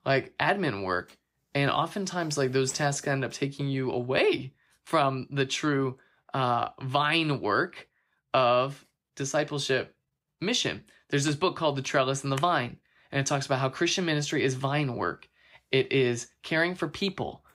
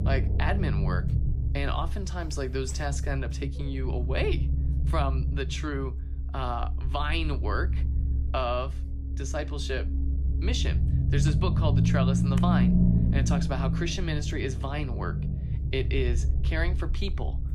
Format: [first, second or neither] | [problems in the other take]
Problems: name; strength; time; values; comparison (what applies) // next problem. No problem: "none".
first | low rumble; loud; throughout; 7 dB below the speech